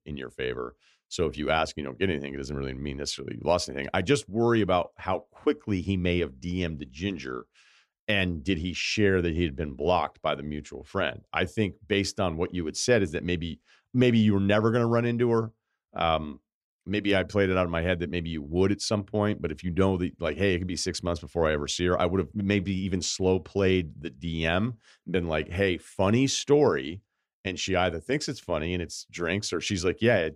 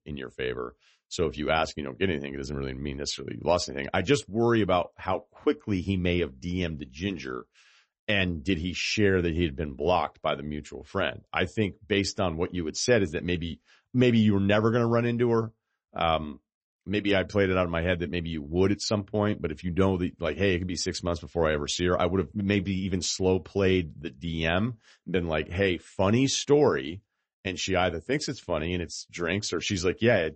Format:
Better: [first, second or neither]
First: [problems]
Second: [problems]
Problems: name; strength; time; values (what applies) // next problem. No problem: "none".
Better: first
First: none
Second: garbled, watery; slightly; nothing above 8 kHz